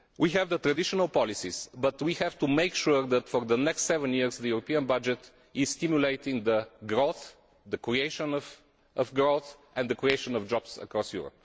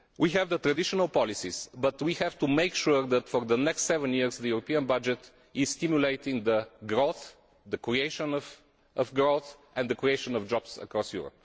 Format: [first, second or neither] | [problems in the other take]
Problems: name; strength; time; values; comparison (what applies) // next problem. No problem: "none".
second | background sound (Tap / Glass); 12 dB below the speech